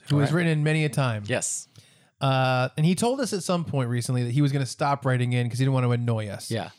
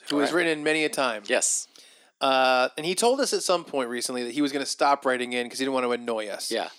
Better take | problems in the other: first | thin; somewhat; fading below 300 Hz

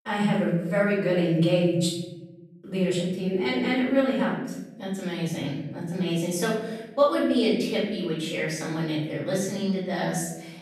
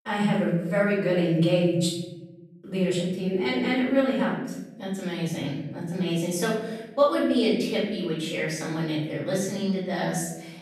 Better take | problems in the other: neither | off-mic speech; far; the same in both // room echo; noticeable; dies away in 1 s; the same in both

